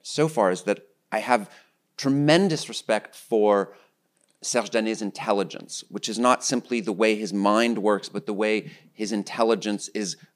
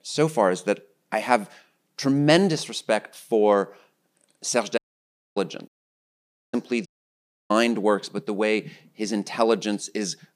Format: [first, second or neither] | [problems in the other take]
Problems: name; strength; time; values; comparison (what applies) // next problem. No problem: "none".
first | audio cutting out; at 5 s for 0.5 s, at 5.5 s for 1 s and at 7 s for 0.5 s